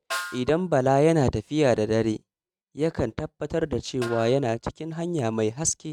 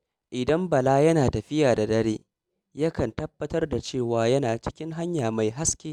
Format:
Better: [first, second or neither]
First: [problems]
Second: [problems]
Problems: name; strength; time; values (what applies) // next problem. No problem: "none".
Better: second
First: noise reduction (neural mask model RNNoise)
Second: none